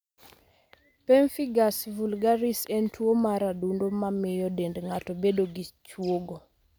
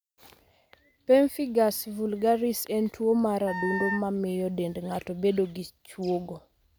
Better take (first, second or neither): first